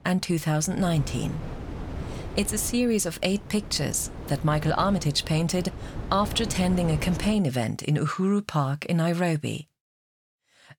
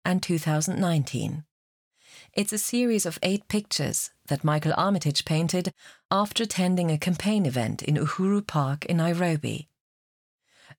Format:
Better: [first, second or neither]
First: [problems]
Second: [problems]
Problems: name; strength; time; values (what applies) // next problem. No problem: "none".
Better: second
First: wind noise on the microphone; occasional gusts; until 7.5 s; 15 dB below the speech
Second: none